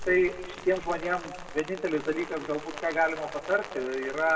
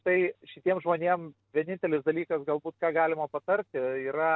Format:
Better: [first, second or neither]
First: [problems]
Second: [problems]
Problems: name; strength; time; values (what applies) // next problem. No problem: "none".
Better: second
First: background sound (Rain); 13 dB below the speech // room echo; dies away in 1.9 s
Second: none